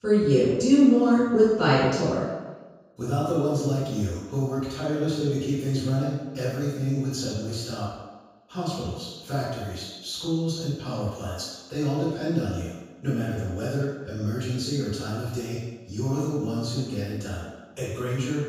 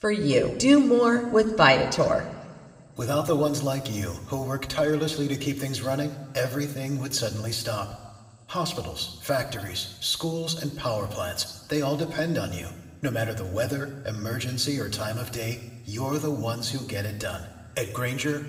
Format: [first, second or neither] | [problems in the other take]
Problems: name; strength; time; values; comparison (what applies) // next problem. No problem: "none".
second | room echo; strong; dies away in 1.2 s; slight in the second // off-mic speech; far